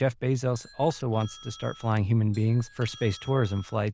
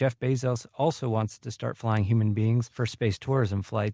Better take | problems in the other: second | noise reduction (neural diffusion model UNIVERSE++)

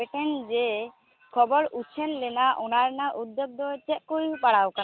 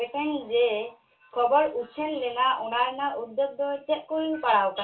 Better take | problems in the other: first | room echo; dies away in 0.3 s

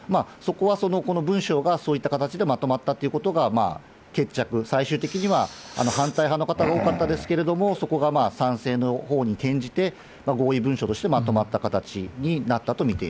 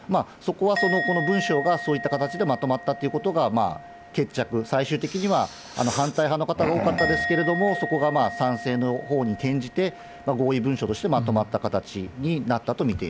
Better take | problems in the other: first | background sound (Musical instrument); 10 dB below the speech

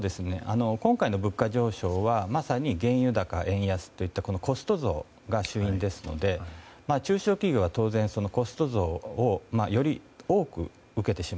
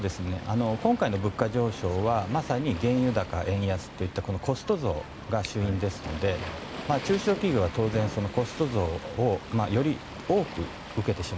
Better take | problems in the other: first | background sound (Waves, surf); 12 dB below the speech

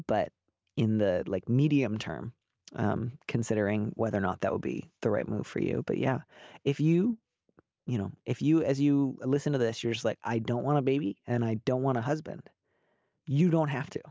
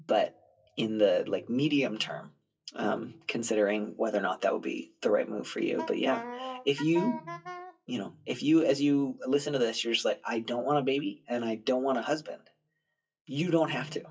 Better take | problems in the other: first | noise reduction (classical method WPE with log-MMSE)

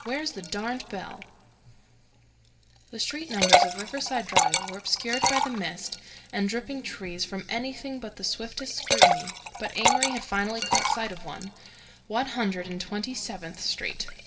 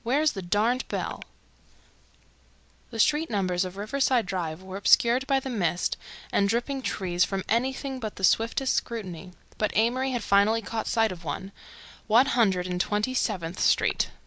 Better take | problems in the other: second | background sound (Liquid); 3 dB above the speech // room echo; dies away in 2 s

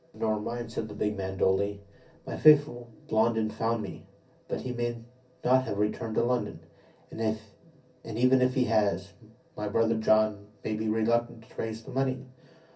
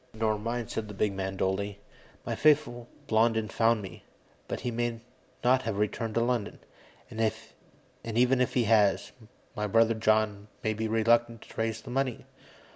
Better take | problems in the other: second | room echo; dies away in 0.3 s

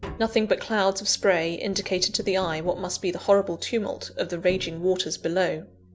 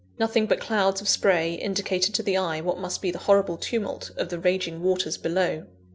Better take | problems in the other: second | background sound (Tap); 20 dB below the speech

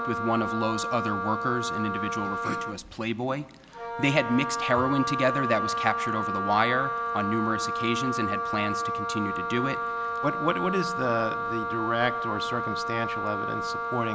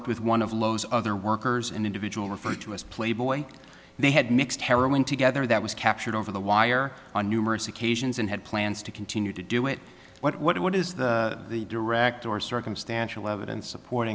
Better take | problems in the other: second | background sound (Wind instrument, woodwind instrument); 1 dB below the speech

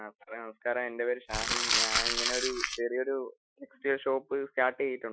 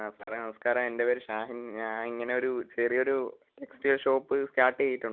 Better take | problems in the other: second | noise reduction (classical method Wiener filter)

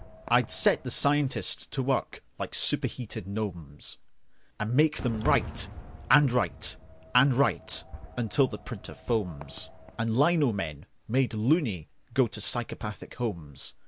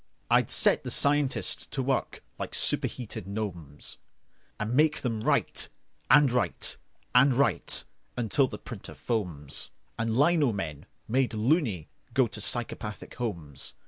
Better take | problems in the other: second | background sound (Fireworks); 16 dB below the speech

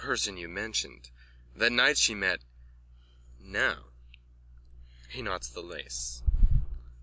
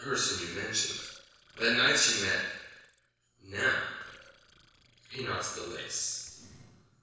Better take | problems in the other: first | noise reduction (neural separator model SepFormer DNS4)

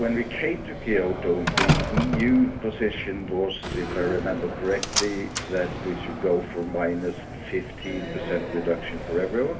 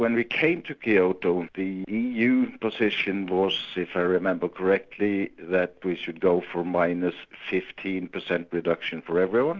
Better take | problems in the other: second | background sound (Slam); 3 dB below the speech // room echo; dies away in 0.3 s

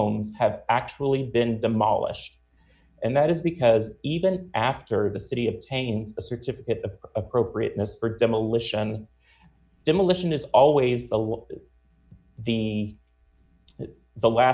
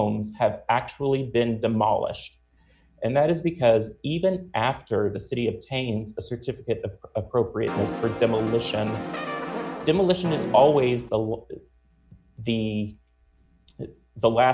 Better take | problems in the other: first | background sound (Brass instrument); 7 dB below the speech

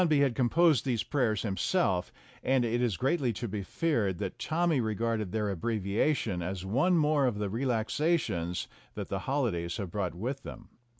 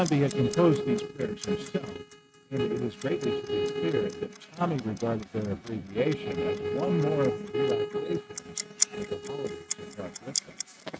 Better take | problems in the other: first | noise reduction (neural mask model RNNoise)

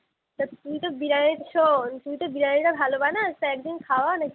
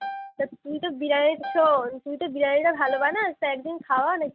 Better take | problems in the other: first | noise reduction (neural mask model RNNoise)

